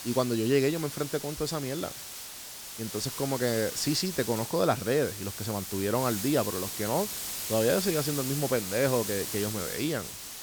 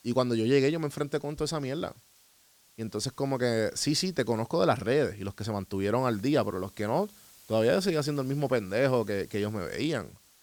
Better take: second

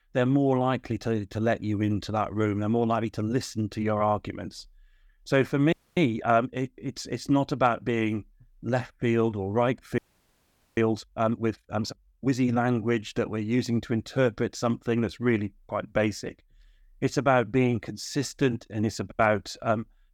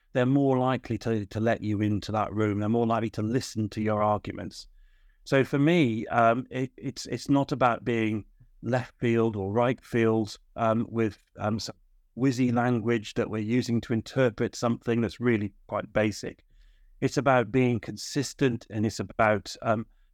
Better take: second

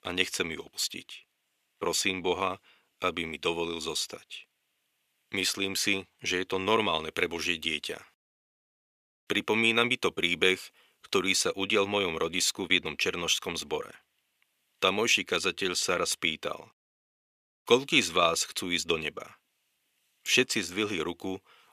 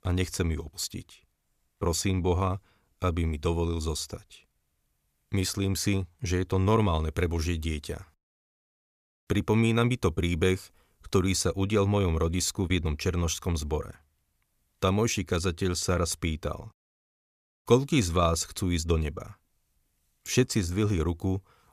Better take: second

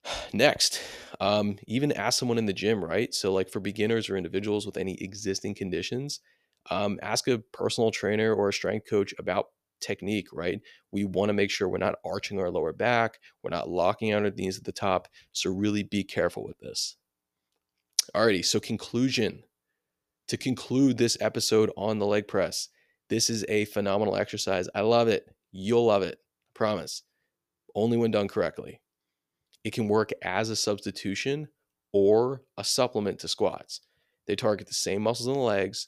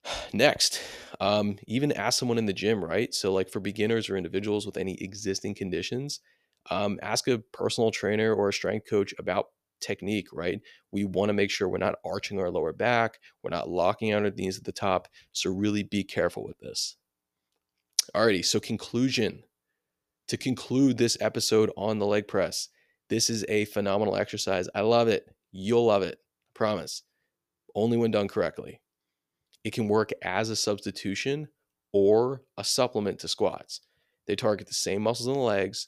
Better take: neither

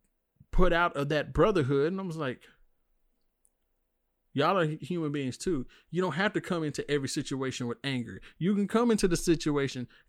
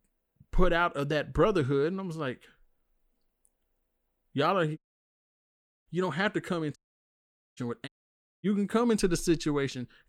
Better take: first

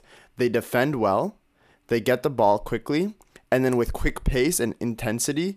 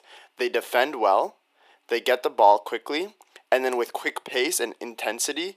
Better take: first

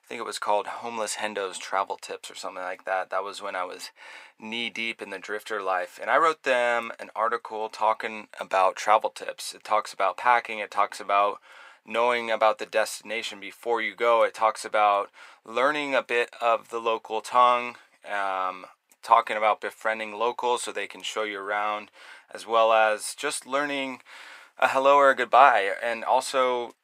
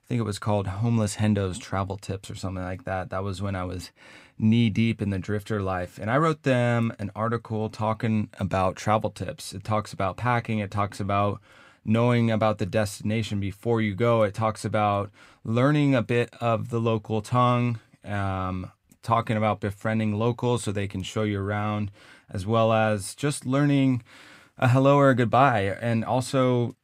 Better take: second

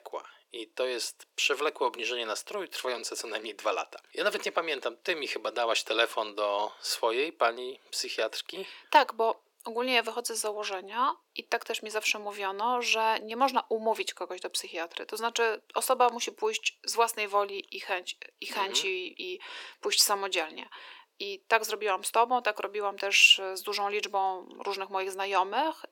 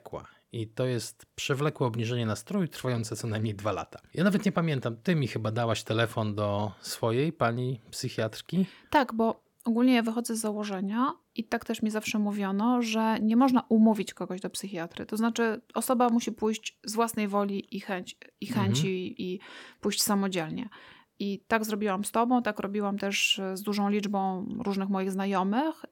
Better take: second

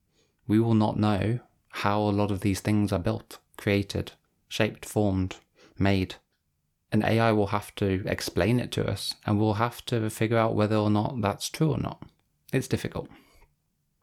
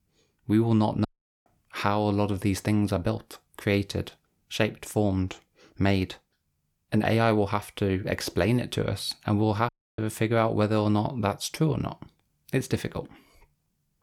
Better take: first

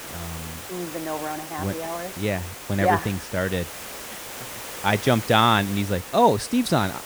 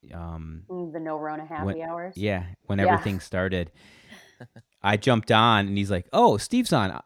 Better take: second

